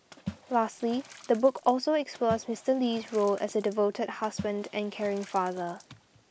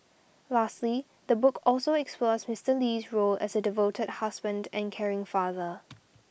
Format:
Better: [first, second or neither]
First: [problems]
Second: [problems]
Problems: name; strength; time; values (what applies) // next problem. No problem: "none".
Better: second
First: background sound (Water / Splash, splatter); 16 dB below the speech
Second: none